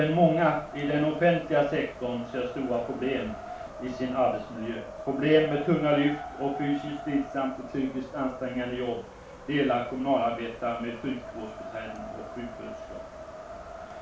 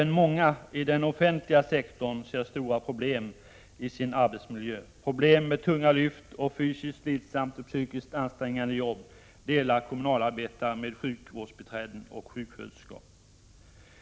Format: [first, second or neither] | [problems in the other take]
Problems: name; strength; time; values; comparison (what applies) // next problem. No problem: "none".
second | background sound (Wind); 13 dB below the speech // room echo; dies away in 0.3 s